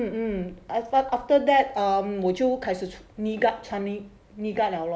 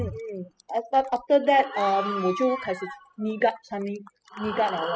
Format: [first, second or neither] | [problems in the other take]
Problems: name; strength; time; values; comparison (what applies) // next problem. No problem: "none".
first | noise reduction (classical method spectral subtraction)